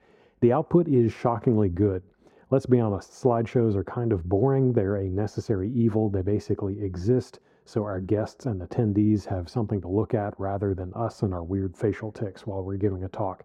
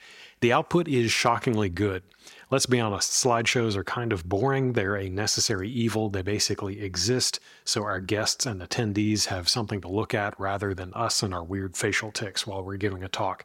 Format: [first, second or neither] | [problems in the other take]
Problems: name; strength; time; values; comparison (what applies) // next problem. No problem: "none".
second | muffled; very; fading above 1.5 kHz